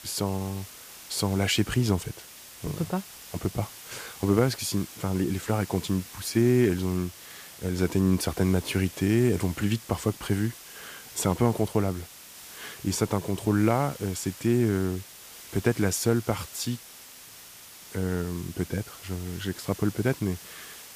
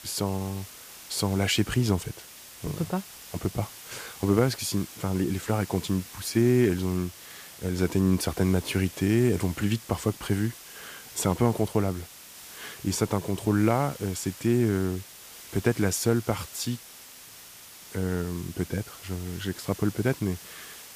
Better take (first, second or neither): neither